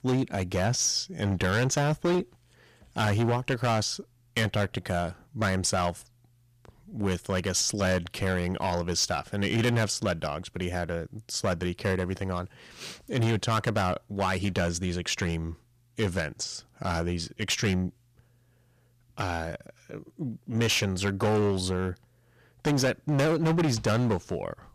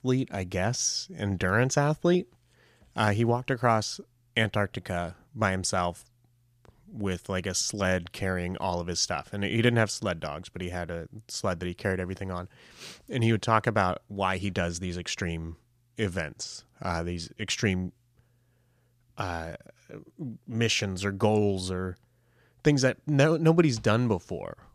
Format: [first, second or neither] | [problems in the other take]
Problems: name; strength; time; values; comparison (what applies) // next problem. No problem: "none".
second | distortion; heavy; 9% of the sound clipped